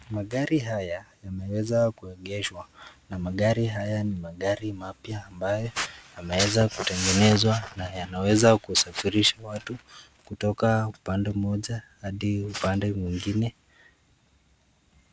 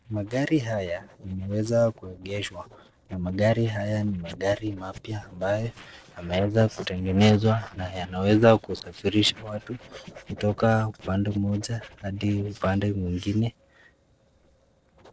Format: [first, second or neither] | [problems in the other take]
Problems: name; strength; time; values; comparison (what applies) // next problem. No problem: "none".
first | noise reduction (neural separator model SepFormer DNS4)